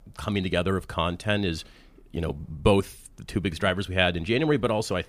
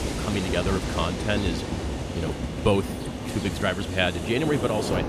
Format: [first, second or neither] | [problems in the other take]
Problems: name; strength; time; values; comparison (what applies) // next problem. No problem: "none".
first | train or aircraft noise; loud; throughout; 3 dB below the speech